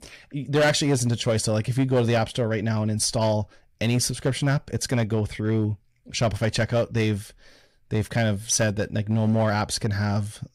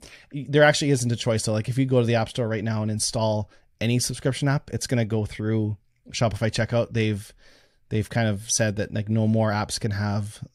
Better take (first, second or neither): second